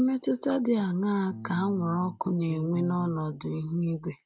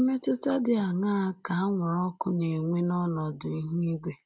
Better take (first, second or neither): second